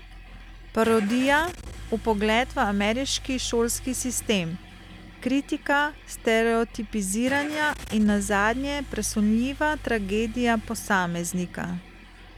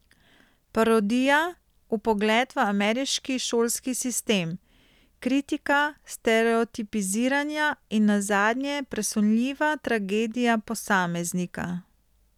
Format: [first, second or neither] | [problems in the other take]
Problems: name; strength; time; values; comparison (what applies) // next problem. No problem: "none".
second | background sound (Engine starting / Car); 14 dB below the speech